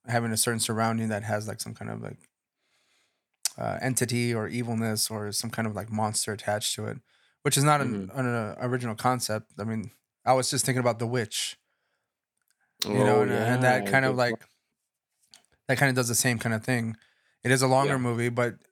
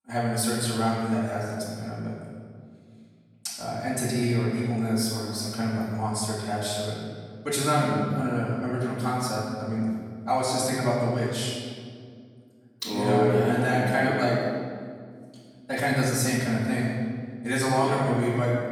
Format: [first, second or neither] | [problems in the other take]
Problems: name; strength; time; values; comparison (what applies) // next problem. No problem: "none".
first | off-mic speech; far // room echo; strong; dies away in 1.8 s